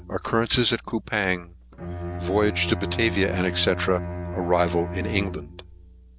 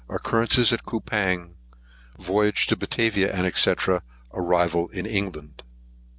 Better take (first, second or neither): second